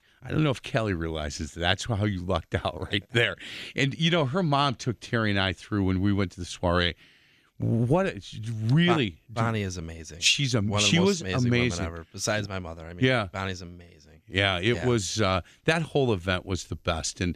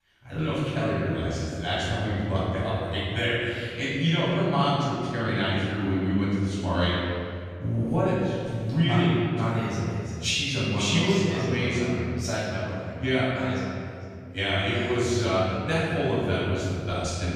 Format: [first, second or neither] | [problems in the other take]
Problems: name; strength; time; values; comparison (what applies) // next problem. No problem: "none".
first | off-mic speech; far // room echo; strong; dies away in 2.3 s